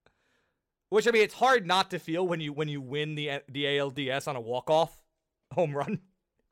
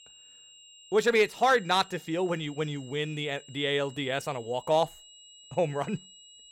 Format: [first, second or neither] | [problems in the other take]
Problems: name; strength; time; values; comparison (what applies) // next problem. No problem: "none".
first | high-pitched whine; faint; throughout; 3 kHz, 20 dB below the speech